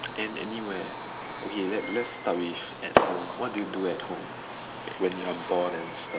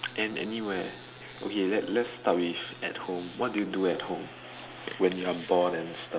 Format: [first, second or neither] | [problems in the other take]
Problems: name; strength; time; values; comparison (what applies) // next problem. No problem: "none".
second | background sound (Fireworks); 1 dB below the speech